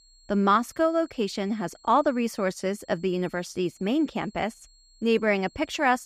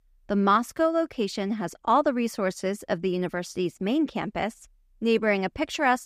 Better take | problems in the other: second | high-pitched whine; faint; throughout; 4.5 kHz, 30 dB below the speech

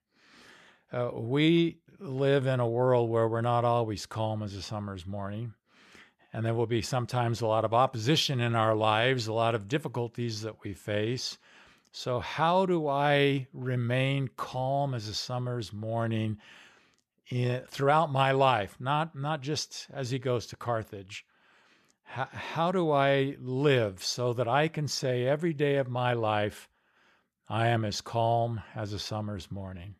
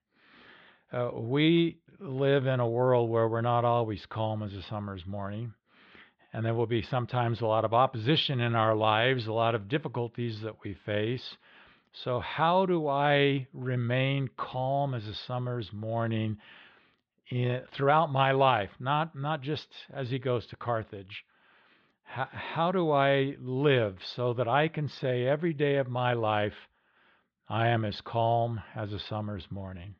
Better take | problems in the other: first | muffled; slightly; fading above 4 kHz

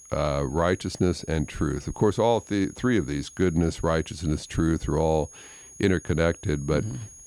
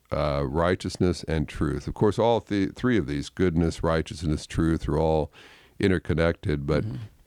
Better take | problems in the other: second | high-pitched whine; noticeable; throughout; 6.5 kHz, 20 dB below the speech

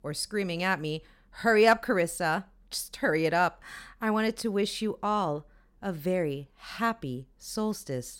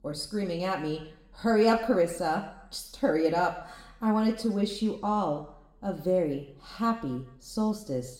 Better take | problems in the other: first | room echo; very slight; dies away in 0.6 s

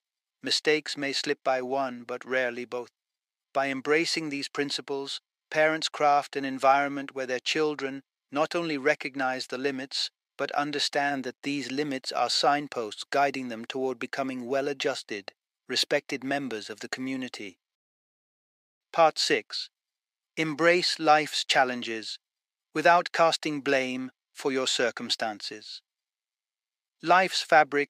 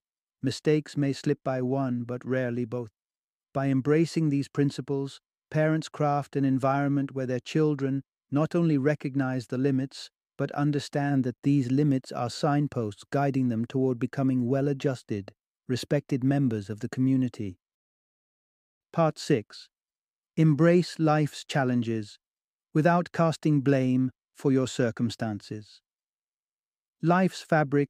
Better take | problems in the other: second | thin; very; fading below 550 Hz

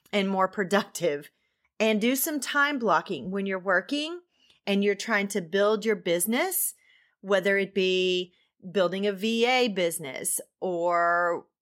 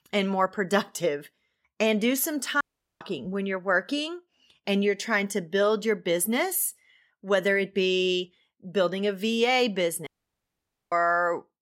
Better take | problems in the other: first | audio cutting out; at 2.5 s and at 10 s for 1 s

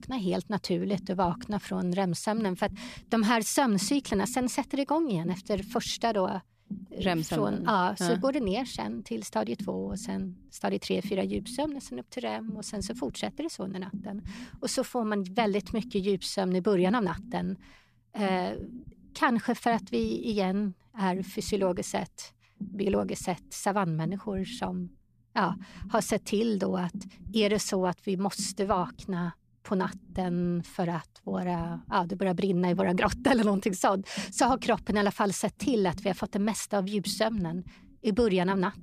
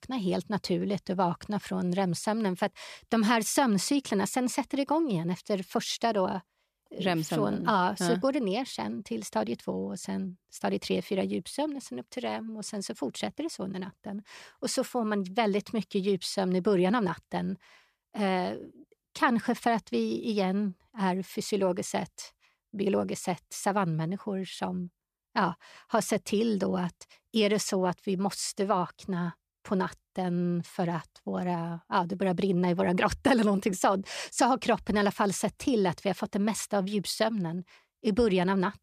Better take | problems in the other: second | low rumble; faint; throughout; 20 dB below the speech

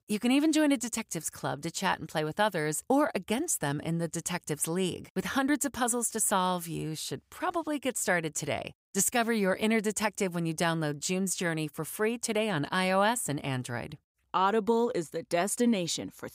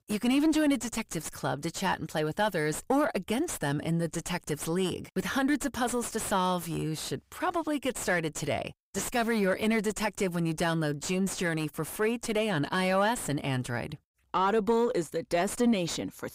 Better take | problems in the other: first | distortion; slight; 9 dB below the speech

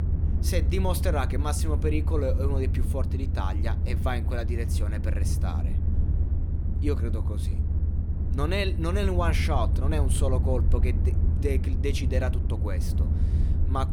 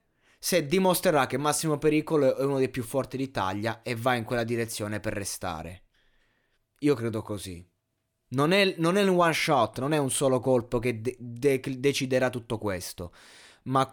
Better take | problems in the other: second | low rumble; loud; throughout; 9 dB below the speech

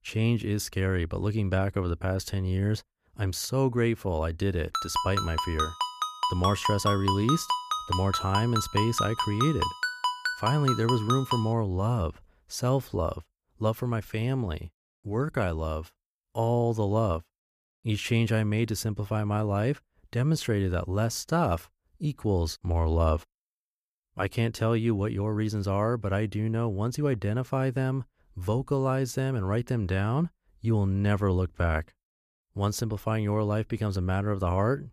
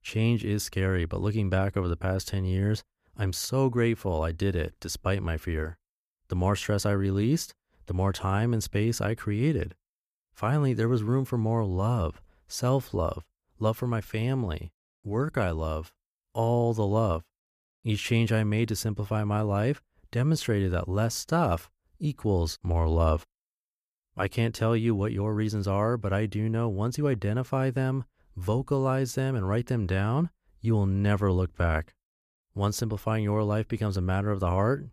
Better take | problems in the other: second | phone ringing; noticeable; from 4.5 to 11 s; peak 1 dB below the speech

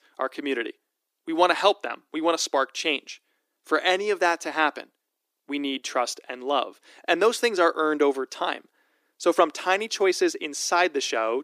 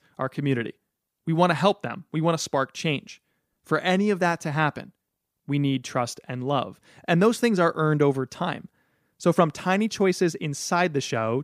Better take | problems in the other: second | thin; somewhat; fading below 300 Hz

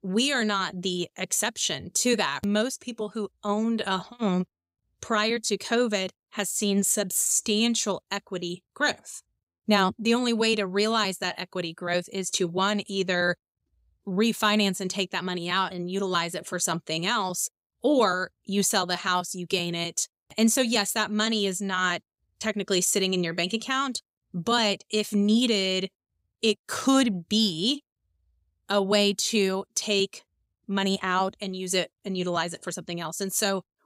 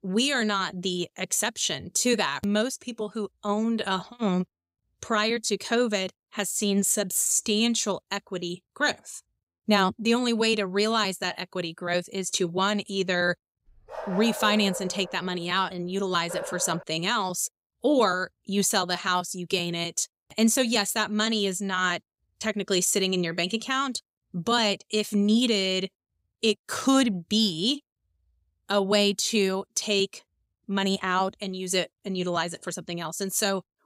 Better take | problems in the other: first | dog barking; noticeable; from 14 to 17 s; peak 8 dB below the speech

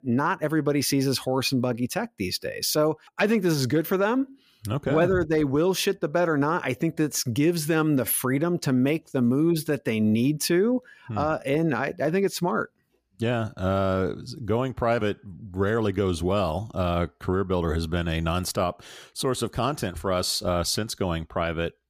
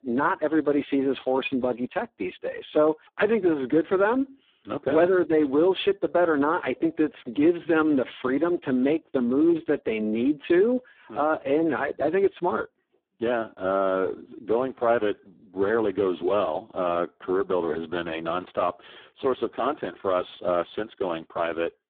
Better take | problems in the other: first | phone-call audio; poor line

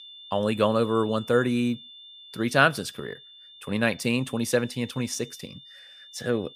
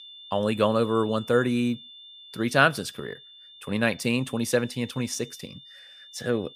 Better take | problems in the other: neither | high-pitched whine; noticeable; throughout; 3.5 kHz, 20 dB below the speech; the same in both

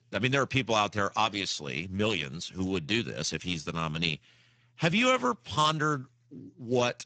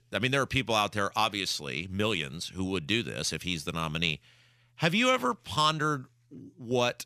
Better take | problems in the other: second | garbled, watery; badly; nothing above 7.5 kHz

